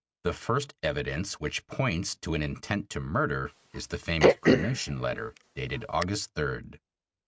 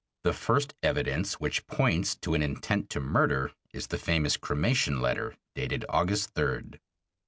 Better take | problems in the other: second | noise reduction (neural mask model RNNoise)

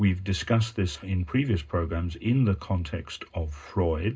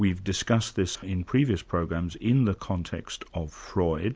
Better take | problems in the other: second | room echo; dies away in 0.2 s

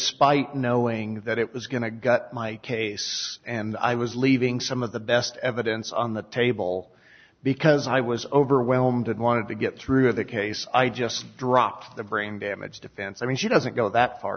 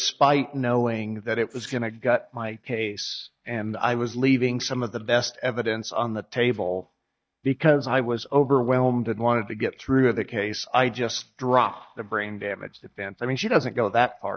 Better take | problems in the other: first | noise reduction (neural mask model DeepFilterNet 3)

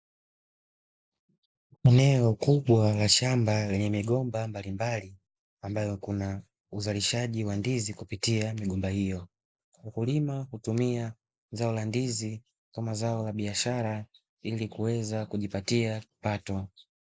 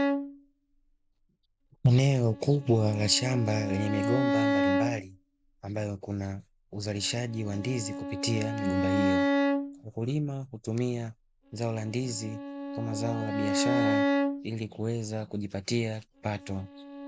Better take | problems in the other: first | background sound (Bowed string instrument); 1 dB below the speech

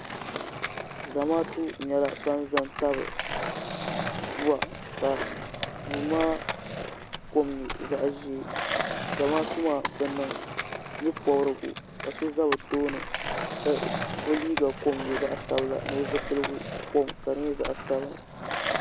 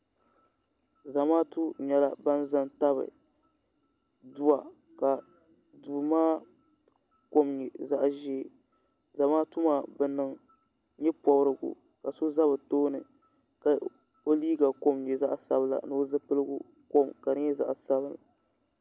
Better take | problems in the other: second | background sound (Skateboard); 4 dB below the speech

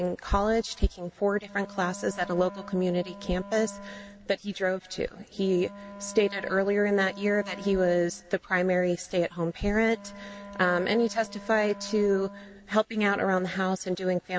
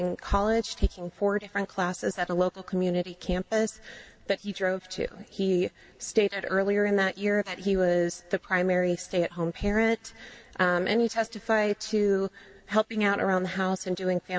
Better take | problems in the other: second | background sound (Wind instrument, woodwind instrument); 17 dB below the speech

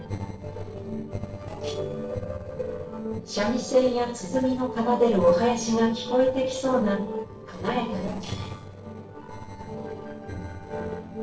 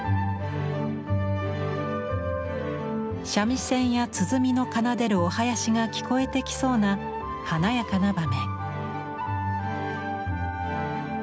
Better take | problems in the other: second | noise reduction (neural separator model SepFormer DNS4)

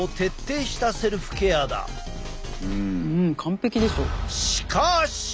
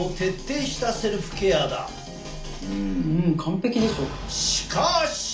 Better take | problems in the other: first | room echo; dies away in 0.4 s

